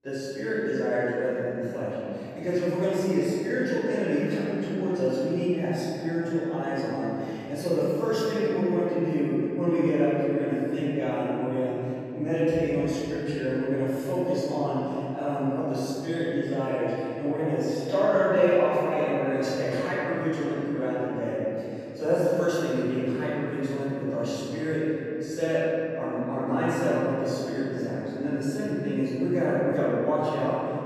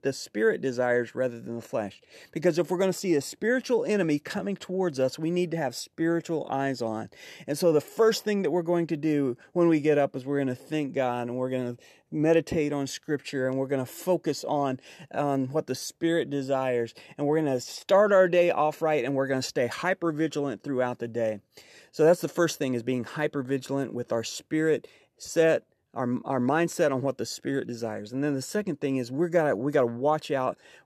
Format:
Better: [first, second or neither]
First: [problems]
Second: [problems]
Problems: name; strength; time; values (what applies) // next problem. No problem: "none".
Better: second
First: room echo; strong; dies away in 3 s // off-mic speech; far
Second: none